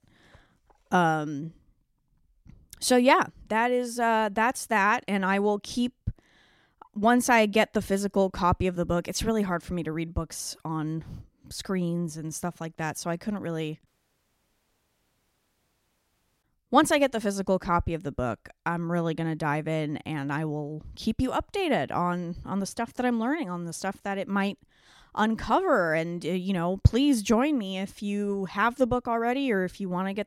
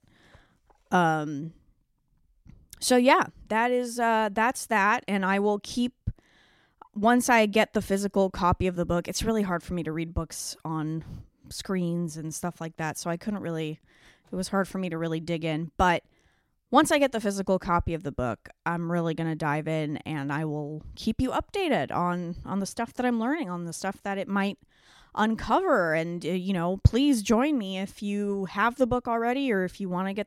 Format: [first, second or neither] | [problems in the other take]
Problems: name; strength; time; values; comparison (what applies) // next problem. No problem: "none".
second | audio cutting out; at 14 s for 2.5 s